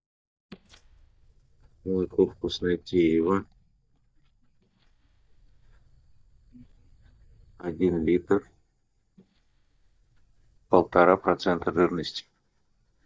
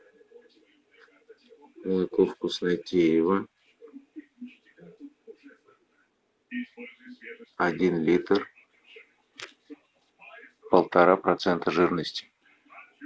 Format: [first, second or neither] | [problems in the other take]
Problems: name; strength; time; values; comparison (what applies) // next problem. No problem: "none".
second | noise reduction (neural mask model DeepFilterNet 3)